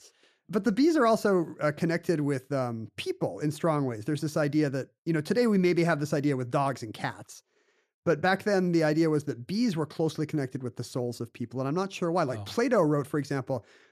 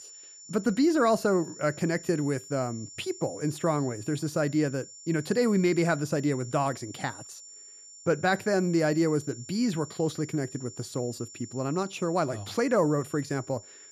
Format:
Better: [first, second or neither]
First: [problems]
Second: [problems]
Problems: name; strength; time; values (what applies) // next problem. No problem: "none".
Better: first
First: none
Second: high-pitched whine; noticeable; throughout; 7 kHz, 15 dB below the speech